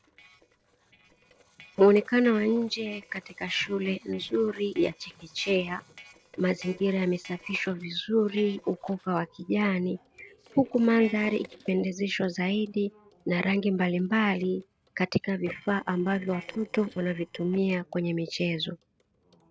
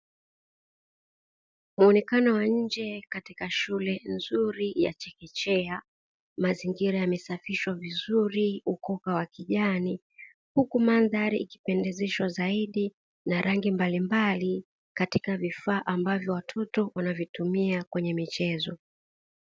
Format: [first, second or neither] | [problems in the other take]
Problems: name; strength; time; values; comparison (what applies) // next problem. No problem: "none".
second | noise reduction (neural separator model SepFormer DNS4)